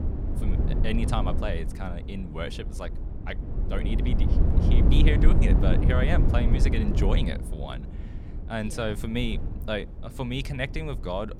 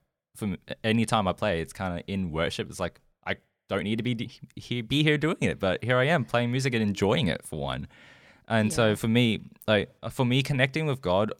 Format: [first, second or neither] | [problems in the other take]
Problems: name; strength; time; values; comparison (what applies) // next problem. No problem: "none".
second | wind noise on the microphone; heavy; 4 dB below the speech